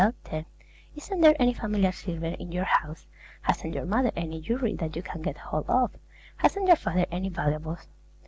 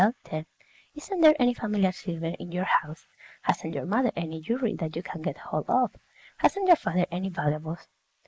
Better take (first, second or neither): first